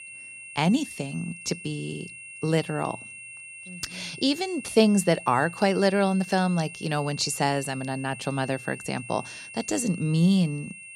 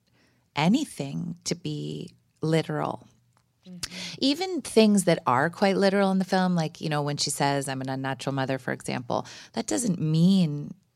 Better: second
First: high-pitched whine; noticeable; throughout; 2.5 kHz, 15 dB below the speech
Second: none

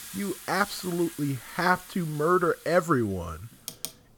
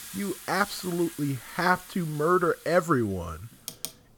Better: neither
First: household noises; noticeable; throughout; 15 dB below the speech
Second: household noises; noticeable; throughout; 15 dB below the speech

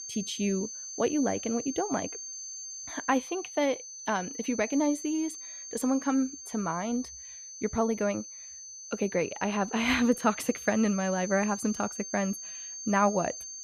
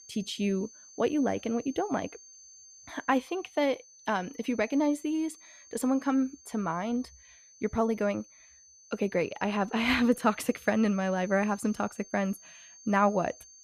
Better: second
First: high-pitched whine; loud; throughout; 6.5 kHz, 9 dB below the speech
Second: high-pitched whine; faint; throughout; 6.5 kHz, 20 dB below the speech

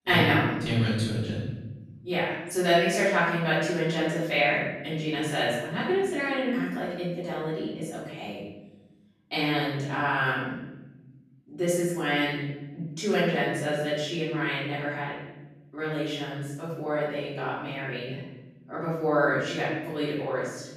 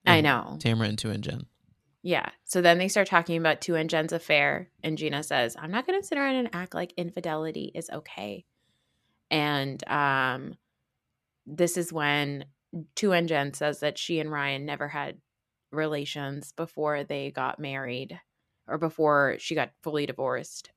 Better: second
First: off-mic speech; far // room echo; strong; dies away in 1.1 s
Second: none

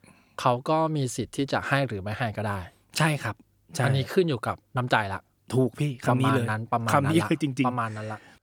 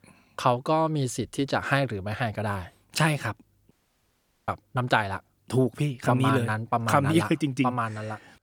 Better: first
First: none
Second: audio cutting out; at 3.5 s for 1 s

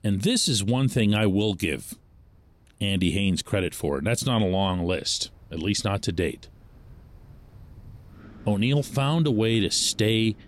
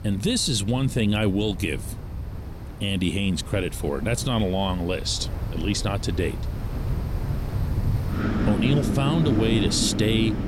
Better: first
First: wind in the background; faint; throughout; 25 dB below the speech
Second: wind in the background; loud; throughout; 4 dB below the speech

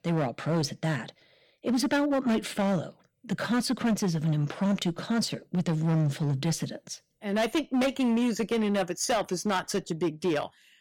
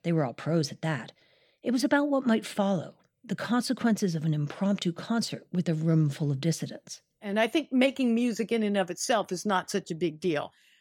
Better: second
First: distortion; slight; 13% of the sound clipped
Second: none

